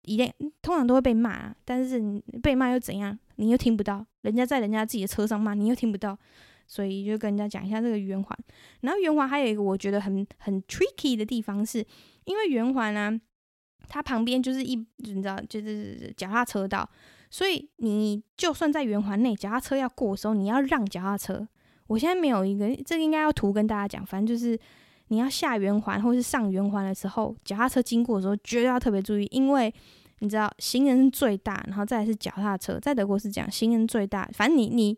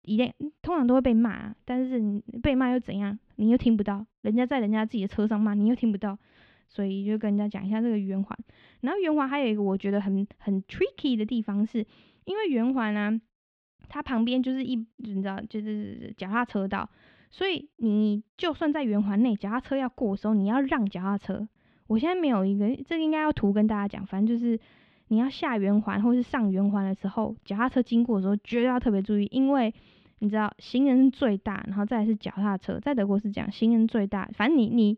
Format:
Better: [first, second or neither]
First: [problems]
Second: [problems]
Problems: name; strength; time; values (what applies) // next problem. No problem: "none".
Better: first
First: none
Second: muffled; slightly; fading above 3 kHz